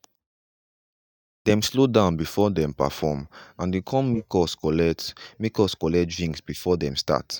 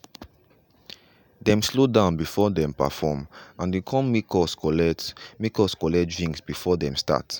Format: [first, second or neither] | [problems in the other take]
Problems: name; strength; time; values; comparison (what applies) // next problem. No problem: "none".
second | noise reduction (neural mask model DeepFilterNet 3)